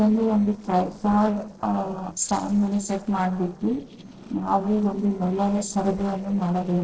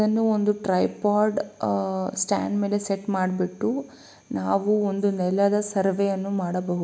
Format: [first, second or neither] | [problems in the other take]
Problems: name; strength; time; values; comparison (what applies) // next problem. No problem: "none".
second | noise reduction (neural separator model SepFormer DNS4)